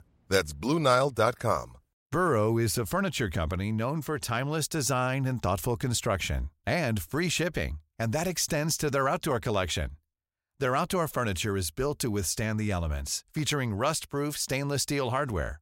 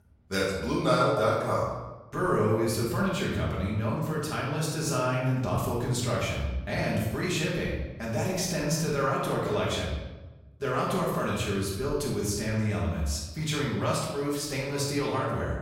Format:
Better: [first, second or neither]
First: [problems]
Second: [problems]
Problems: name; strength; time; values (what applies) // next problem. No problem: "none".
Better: first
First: none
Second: off-mic speech; far // room echo; noticeable; dies away in 1 s